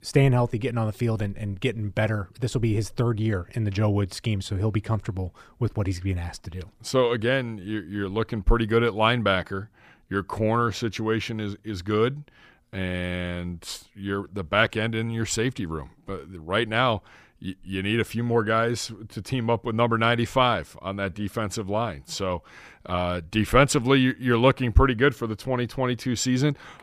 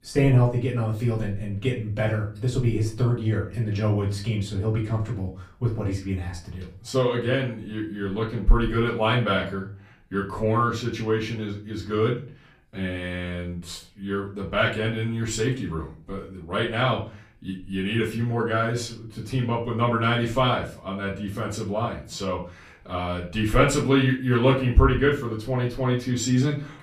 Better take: first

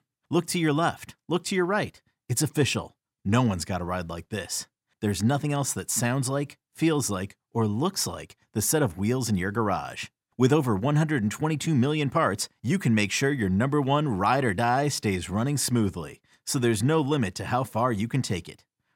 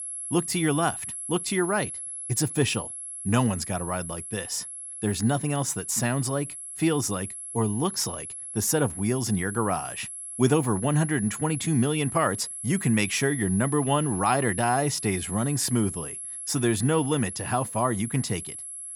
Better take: first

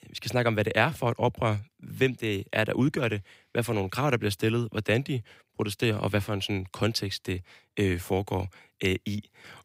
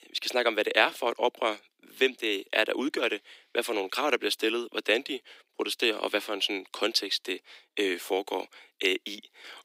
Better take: first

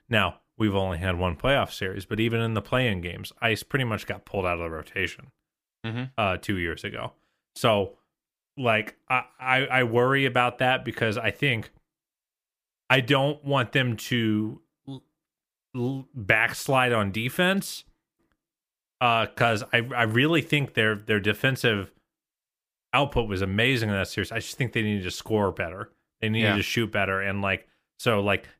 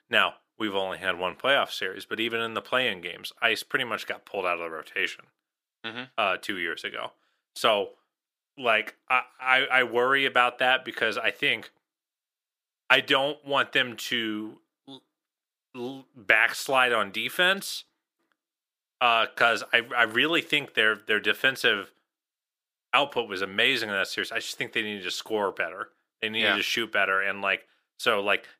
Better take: first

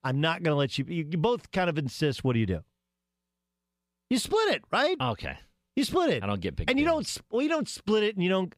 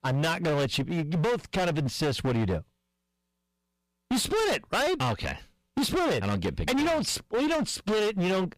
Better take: first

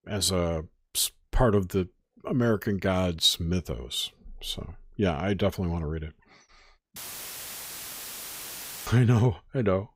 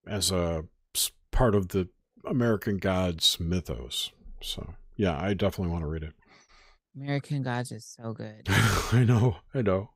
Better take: second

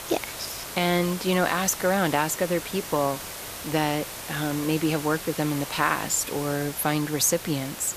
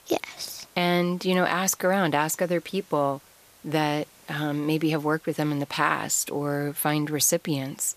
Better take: second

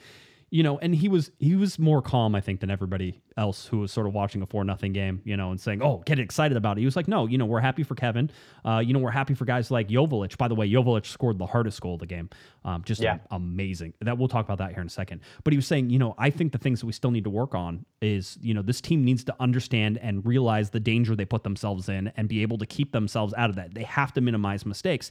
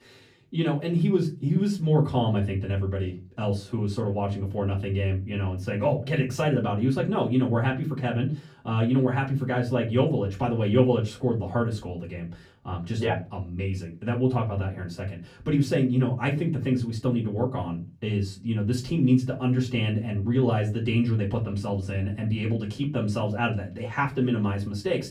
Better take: first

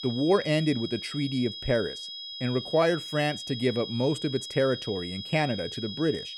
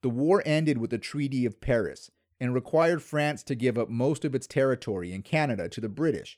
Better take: second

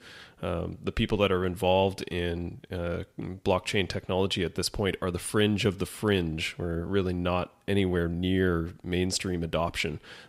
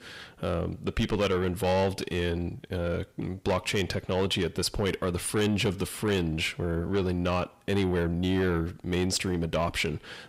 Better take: first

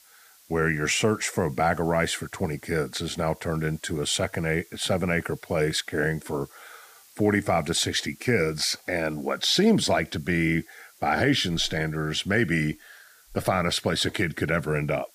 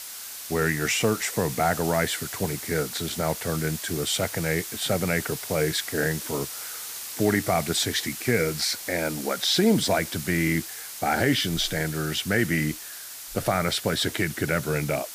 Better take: first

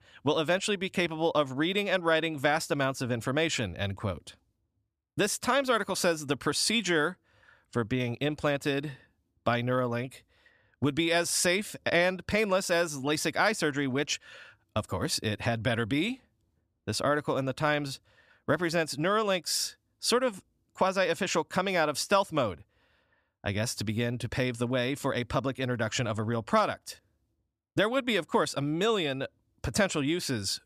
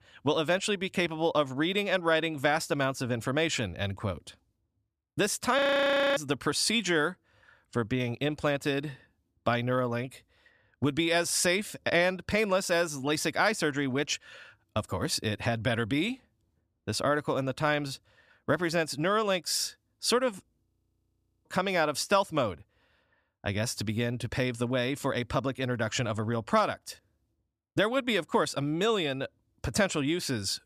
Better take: first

